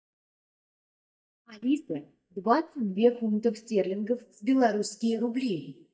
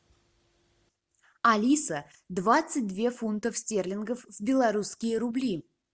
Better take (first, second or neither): second